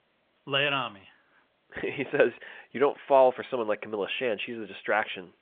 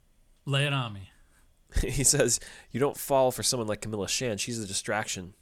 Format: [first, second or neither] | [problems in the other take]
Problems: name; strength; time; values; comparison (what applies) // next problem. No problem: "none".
second | phone-call audio; nothing above 3 kHz